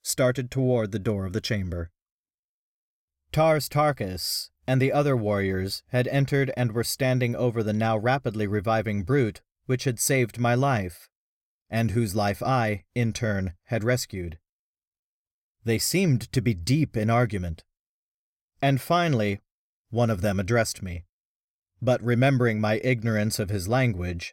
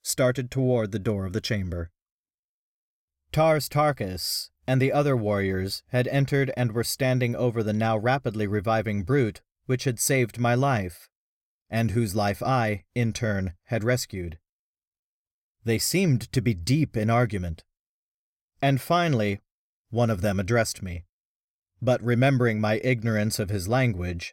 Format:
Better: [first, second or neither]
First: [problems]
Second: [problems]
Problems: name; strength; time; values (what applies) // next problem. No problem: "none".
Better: neither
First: none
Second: none